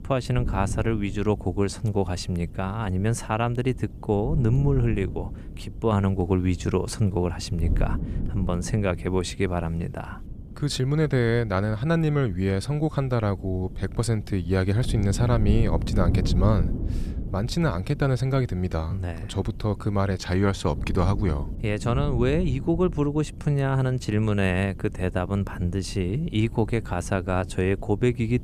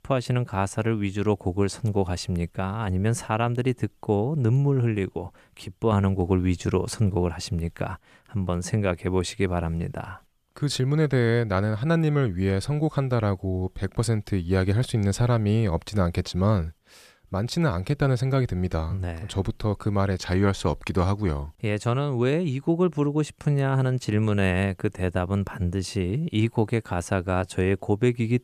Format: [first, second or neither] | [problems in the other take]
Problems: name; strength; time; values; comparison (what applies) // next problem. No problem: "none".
second | wind noise on the microphone; occasional gusts; 15 dB below the speech